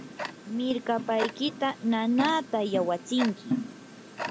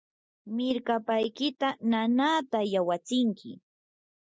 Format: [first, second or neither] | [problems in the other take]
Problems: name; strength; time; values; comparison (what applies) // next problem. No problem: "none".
second | background sound (Tick-tock); 8 dB below the speech